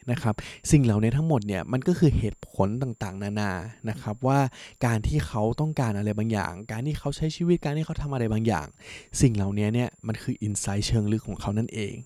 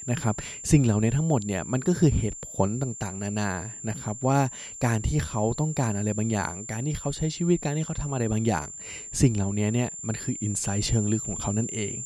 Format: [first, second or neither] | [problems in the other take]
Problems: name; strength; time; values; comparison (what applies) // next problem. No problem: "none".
first | high-pitched whine; loud; throughout; 7.5 kHz, 9 dB below the speech; faint in the first